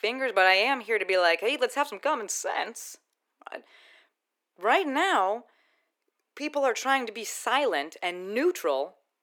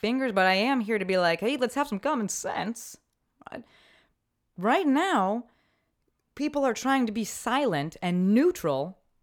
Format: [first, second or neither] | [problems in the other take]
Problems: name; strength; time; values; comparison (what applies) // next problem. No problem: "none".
second | thin; somewhat; fading below 350 Hz